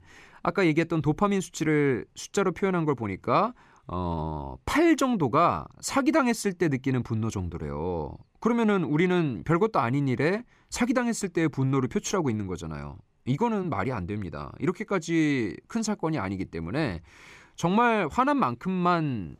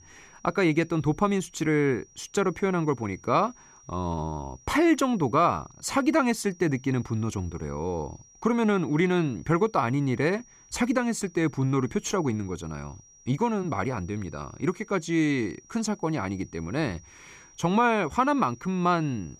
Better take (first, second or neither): first